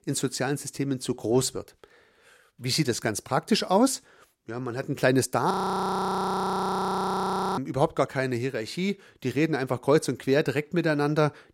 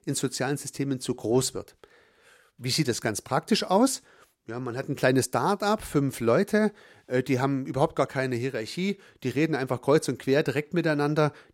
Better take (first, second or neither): second